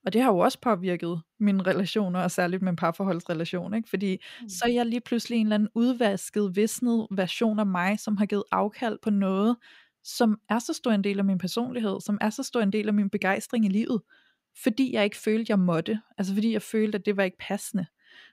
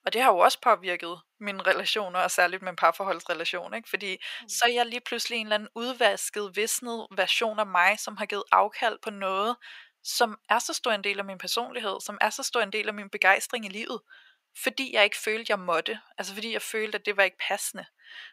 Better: first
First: none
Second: thin; very; fading below 800 Hz

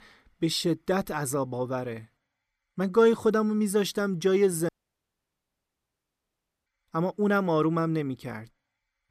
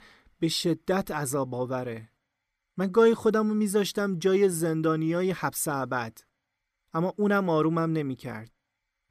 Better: second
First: audio cutting out; at 4.5 s for 2 s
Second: none

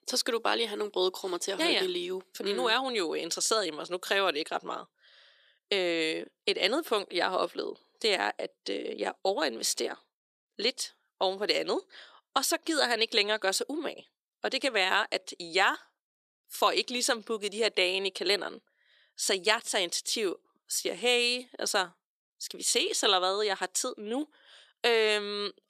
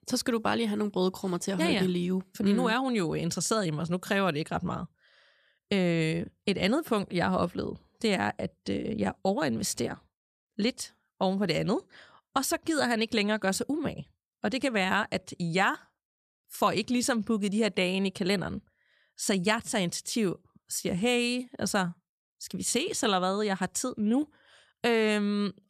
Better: second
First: thin; somewhat; fading below 350 Hz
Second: none

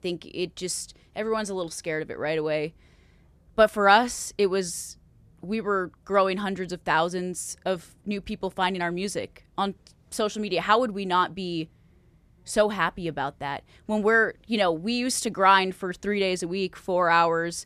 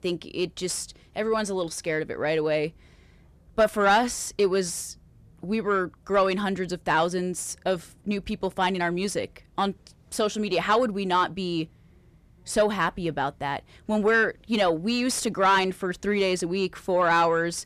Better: first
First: none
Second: distortion; slight; 10 dB below the speech

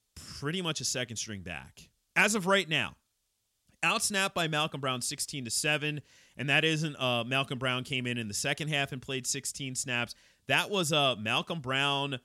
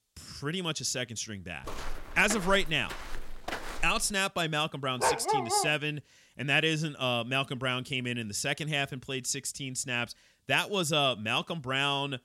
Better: first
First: none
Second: footsteps; noticeable; from 1.5 to 4 s; peak 8 dB below the speech // dog barking; loud; at 5 s; peak 2 dB above the speech

